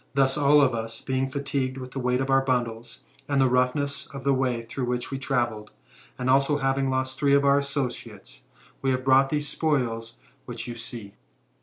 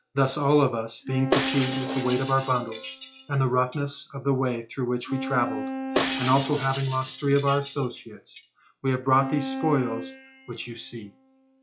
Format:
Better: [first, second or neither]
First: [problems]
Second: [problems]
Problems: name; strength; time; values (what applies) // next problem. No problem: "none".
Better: first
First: none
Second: noise reduction (classical method log-MMSE)